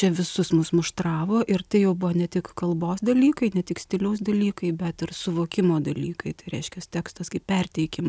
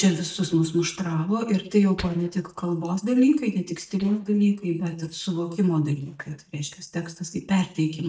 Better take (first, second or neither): first